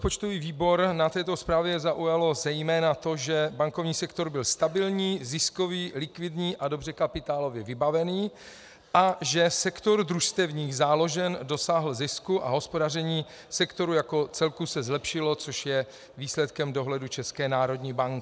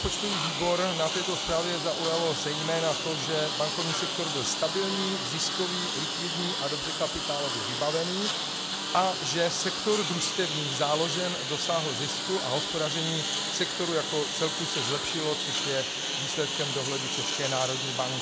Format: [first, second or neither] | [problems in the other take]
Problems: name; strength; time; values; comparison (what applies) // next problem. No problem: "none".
first | background sound (Engine); as loud as the speech